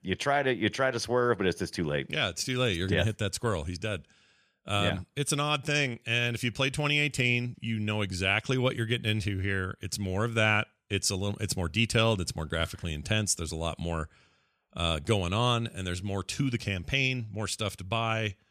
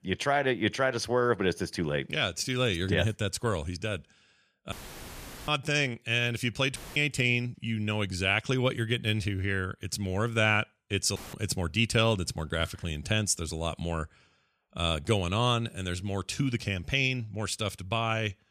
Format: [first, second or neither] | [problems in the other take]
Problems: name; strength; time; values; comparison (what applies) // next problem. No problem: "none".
first | audio cutting out; filled with static; at 4.5 s for 1 s, at 7 s and at 11 s